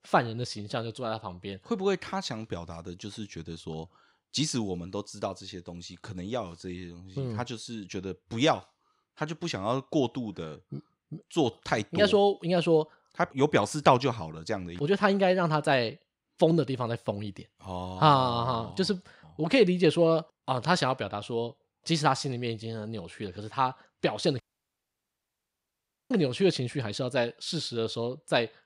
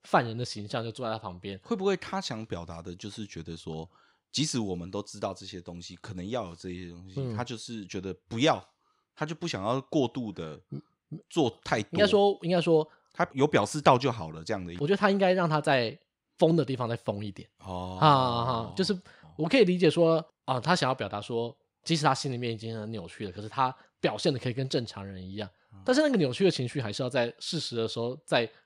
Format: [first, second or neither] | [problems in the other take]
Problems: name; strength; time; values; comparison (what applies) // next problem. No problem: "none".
second | audio cutting out; at 24 s for 1.5 s